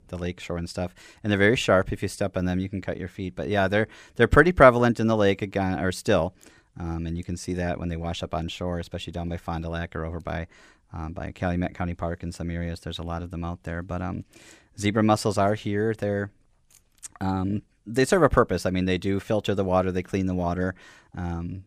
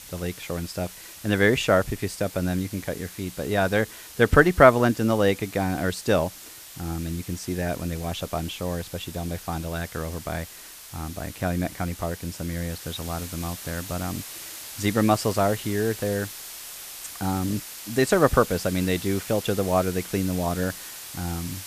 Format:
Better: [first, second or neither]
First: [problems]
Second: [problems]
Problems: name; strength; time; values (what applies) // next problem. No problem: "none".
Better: first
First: none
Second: hiss; noticeable; throughout; 15 dB below the speech